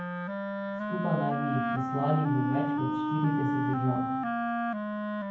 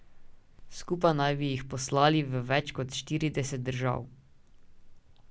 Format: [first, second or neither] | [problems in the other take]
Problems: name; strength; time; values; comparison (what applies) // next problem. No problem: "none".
second | background sound (Wind instrument, woodwind instrument); 2 dB above the speech // room echo; dies away in 0.9 s